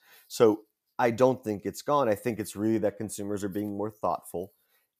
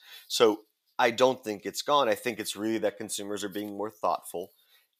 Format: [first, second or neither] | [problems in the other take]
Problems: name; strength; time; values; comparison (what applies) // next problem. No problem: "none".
first | thin; very slightly; fading below 900 Hz